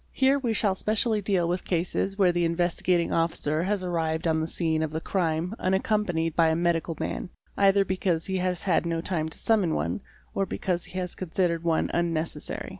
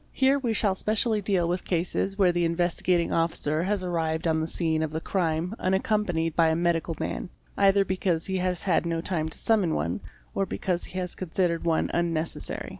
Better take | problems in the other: first | background sound (Drip); 19 dB below the speech

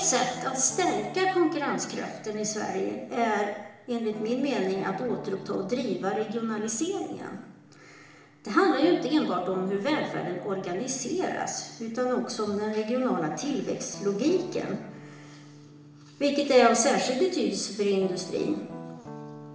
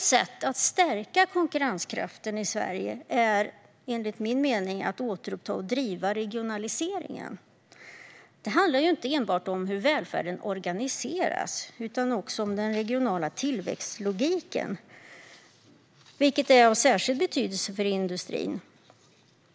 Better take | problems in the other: second | background sound (Guitar); 17 dB below the speech // room echo; dies away in 0.9 s

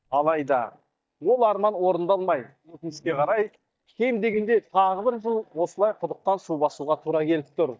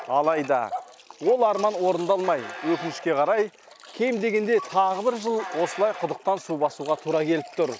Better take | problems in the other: second | noise reduction (neural mask model DeepFilterNet 3)

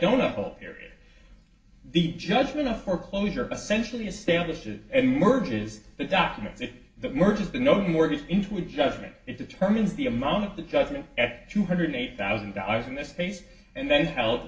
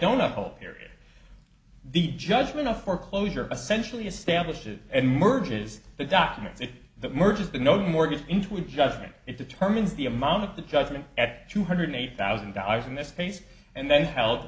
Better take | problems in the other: second | room echo; dies away in 0.2 s

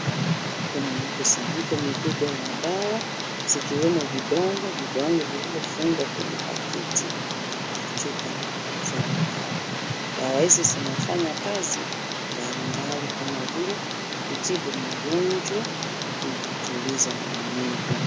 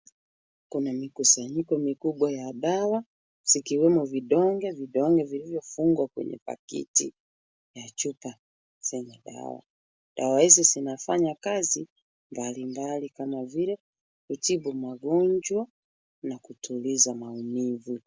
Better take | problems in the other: second | background sound (Tick); as loud as the speech

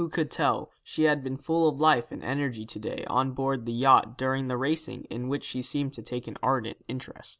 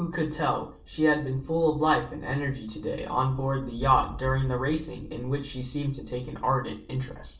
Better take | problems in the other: first | background sound (Thunder); 15 dB below the speech // room echo; dies away in 0.3 s

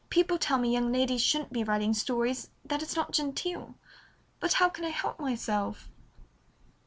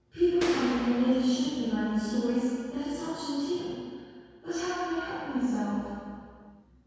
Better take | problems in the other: first | background sound (Gunshot, gunfire); 9 dB below the speech // room echo; dies away in 2 s

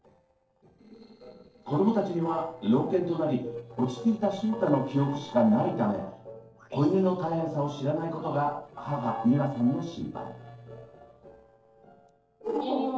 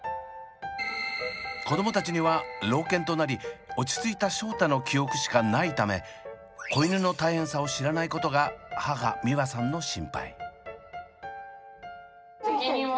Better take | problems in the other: second | noise reduction (neural separator model SepFormer DNS4)

